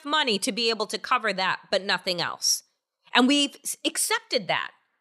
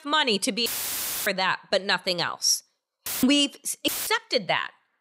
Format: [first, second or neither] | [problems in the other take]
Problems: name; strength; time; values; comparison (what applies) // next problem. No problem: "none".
first | audio cutting out; filled with static; at 0.5 s for 0.5 s, at 3 s and at 4 s